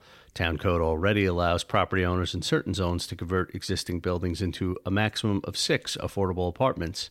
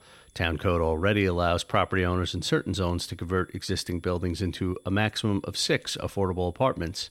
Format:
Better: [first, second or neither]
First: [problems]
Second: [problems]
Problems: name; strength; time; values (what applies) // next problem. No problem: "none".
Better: first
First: none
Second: high-pitched whine; faint; throughout; 10.5 kHz, 35 dB below the speech